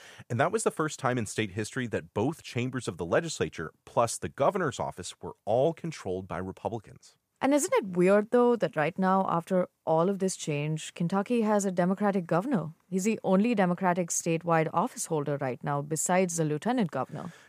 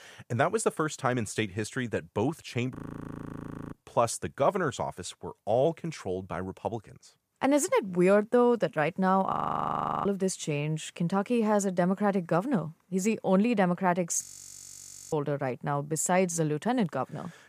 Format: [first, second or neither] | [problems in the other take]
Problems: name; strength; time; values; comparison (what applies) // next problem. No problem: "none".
first | audio freezing; at 3 s for 1 s, at 9.5 s for 0.5 s and at 14 s for 1 s